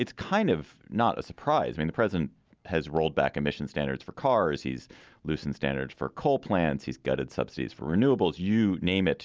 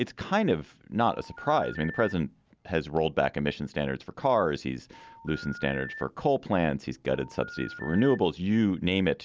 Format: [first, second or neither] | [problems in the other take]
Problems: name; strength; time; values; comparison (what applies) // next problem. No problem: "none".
first | background sound (Telephone); 16 dB below the speech